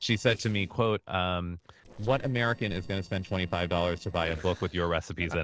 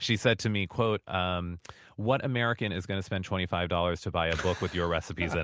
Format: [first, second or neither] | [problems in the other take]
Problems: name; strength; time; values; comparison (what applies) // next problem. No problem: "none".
second | noise reduction (neural separator model SepFormer DNS4)